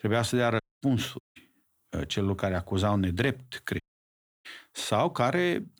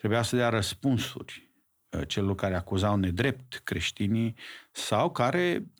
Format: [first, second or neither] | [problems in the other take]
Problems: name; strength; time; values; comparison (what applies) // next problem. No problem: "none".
second | audio cutting out; at 0.5 s, at 1 s and at 4 s for 0.5 s